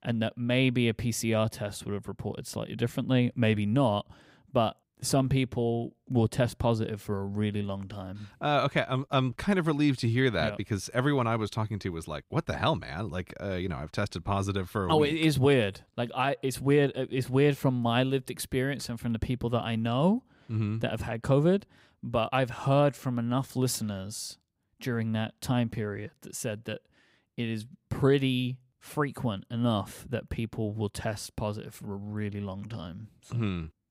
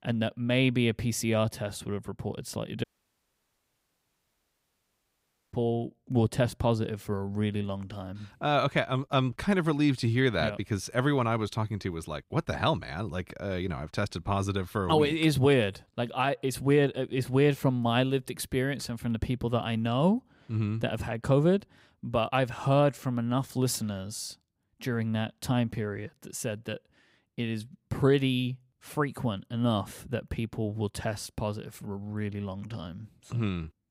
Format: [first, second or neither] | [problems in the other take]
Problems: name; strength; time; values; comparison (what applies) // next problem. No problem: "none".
first | audio cutting out; at 3 s for 2.5 s